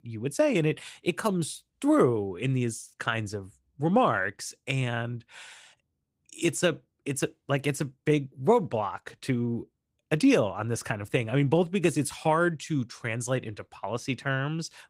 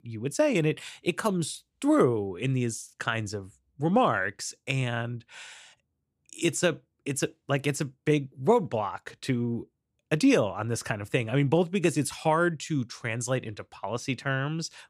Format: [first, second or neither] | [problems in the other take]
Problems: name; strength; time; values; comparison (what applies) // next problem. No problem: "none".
second | garbled, watery; slightly; nothing above 15.5 kHz